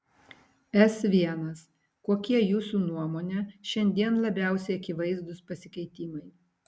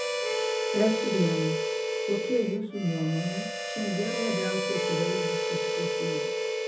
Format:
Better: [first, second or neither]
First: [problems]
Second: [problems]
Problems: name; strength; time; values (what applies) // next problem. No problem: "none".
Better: first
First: none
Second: background sound (Harmonica); 1 dB above the speech // room echo; dies away in 0.3 s